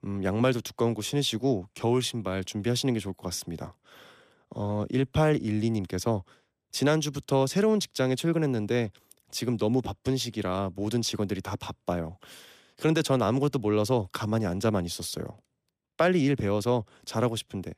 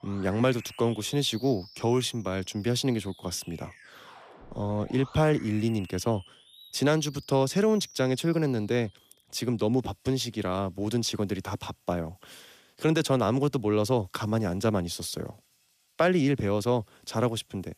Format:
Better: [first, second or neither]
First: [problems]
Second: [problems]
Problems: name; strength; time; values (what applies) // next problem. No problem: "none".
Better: first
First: none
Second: background music; faint; throughout; 20 dB below the speech